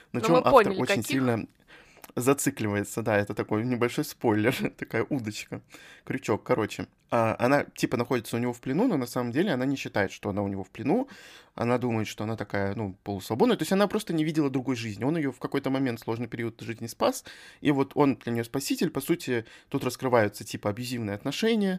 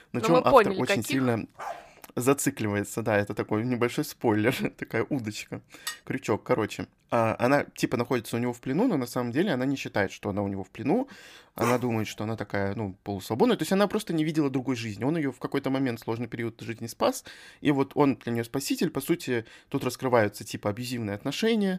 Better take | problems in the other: first | dog barking; faint; at 1.5 s; peak 10 dB below the speech // clattering dishes; noticeable; at 6 s; peak 10 dB below the speech // dog barking; noticeable; at 12 s; peak 5 dB below the speech

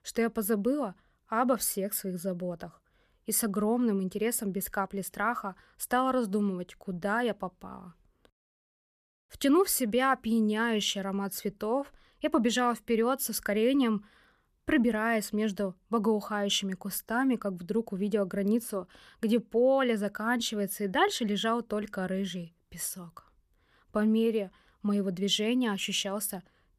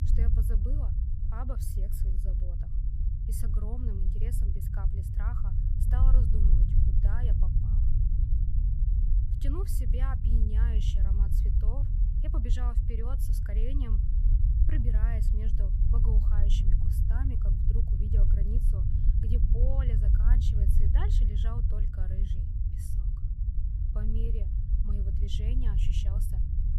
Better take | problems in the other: first | low rumble; loud; throughout; as loud as the speech

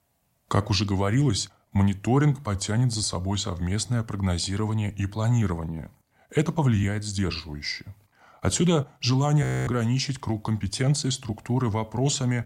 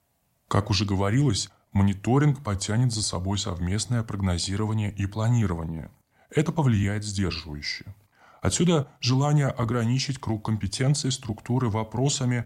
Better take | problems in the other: second | audio freezing; at 9.5 s

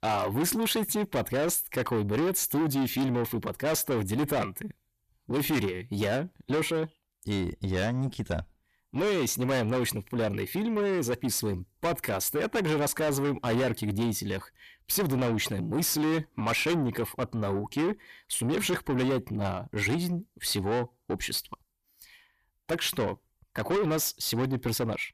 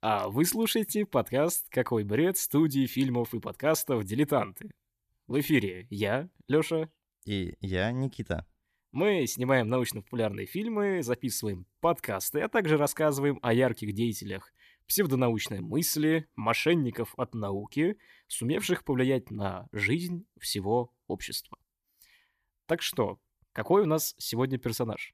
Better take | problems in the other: second | distortion; heavy; 7 dB below the speech

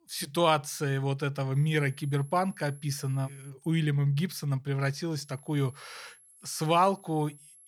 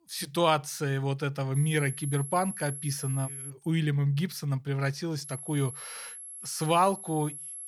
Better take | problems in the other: first | high-pitched whine; loud; from 1.5 to 3.5 s and from 5 s on; 11 kHz, 10 dB below the speech; faint in the first

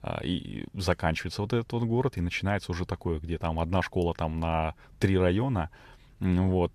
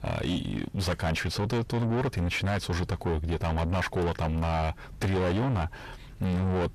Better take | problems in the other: first | distortion; heavy; 5 dB below the speech

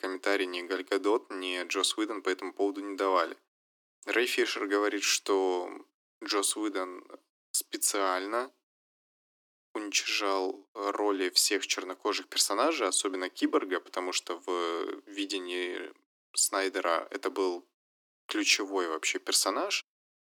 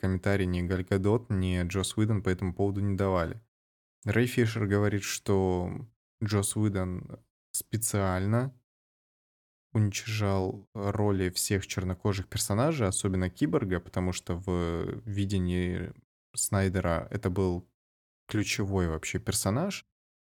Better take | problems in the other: second | thin; very; fading below 300 Hz

